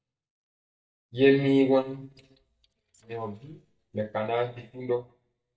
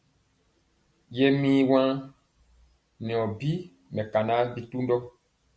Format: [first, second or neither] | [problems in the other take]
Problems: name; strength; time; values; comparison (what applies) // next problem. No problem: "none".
second | noise reduction (neural mask model DeepFilterNet 3)